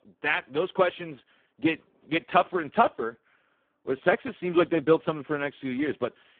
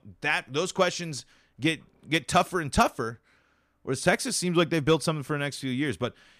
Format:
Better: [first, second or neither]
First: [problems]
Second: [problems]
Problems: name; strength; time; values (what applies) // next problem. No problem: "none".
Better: second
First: phone-call audio; poor line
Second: none